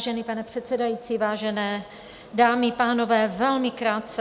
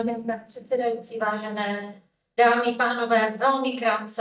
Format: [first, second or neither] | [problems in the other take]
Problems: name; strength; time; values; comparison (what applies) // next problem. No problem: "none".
first | noise reduction (neural mask model DeepFilterNet 3)